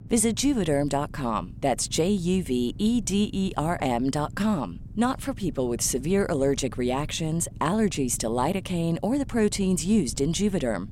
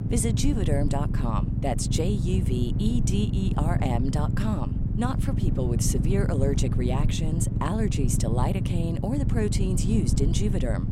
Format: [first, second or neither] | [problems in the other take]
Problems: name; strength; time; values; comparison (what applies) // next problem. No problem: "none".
first | low rumble; loud; throughout; 5 dB below the speech; faint in the first